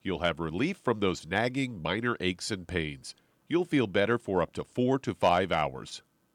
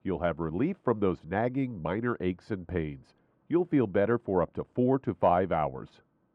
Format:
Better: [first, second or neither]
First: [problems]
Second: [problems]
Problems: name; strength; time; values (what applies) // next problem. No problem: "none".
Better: first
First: none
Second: muffled; very; fading above 3 kHz